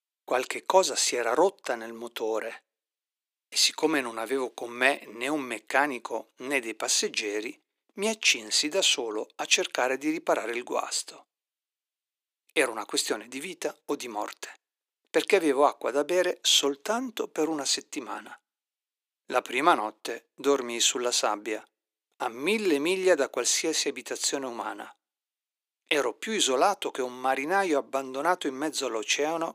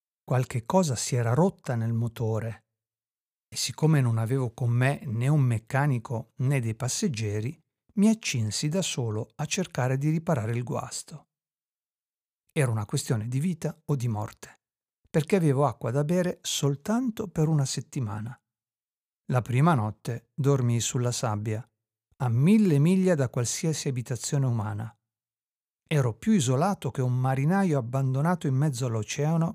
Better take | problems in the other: second | thin; very; fading below 300 Hz

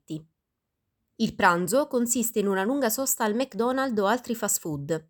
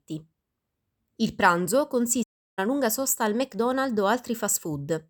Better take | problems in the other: first | audio cutting out; at 2 s

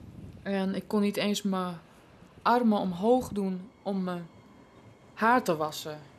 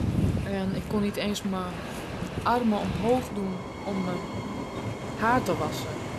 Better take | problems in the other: first | train or aircraft noise; loud; throughout; 5 dB below the speech; faint in the first

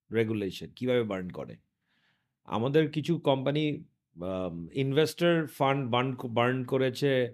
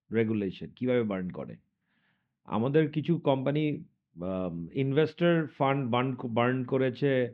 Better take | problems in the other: first | muffled; slightly; fading above 3 kHz

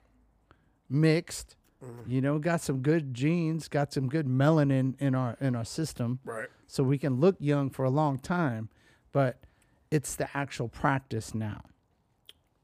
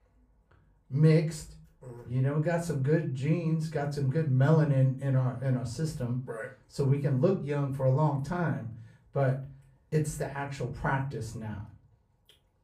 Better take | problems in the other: first | off-mic speech; far // room echo; slight; dies away in 0.3 s

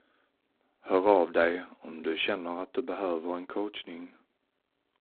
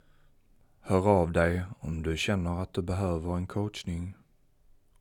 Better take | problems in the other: second | phone-call audio; poor line

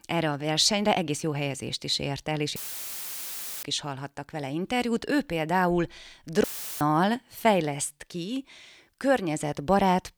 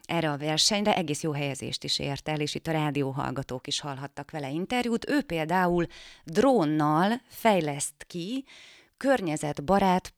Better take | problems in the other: second | audio cutting out; filled with static; at 2.5 s for 1 s and at 6.5 s

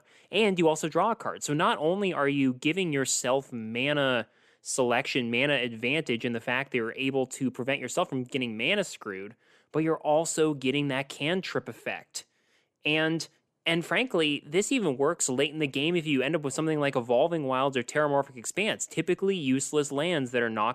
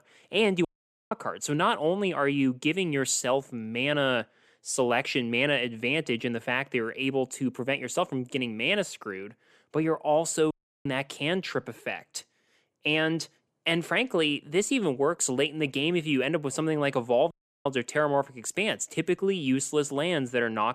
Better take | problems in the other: first | audio cutting out; at 0.5 s, at 11 s and at 17 s

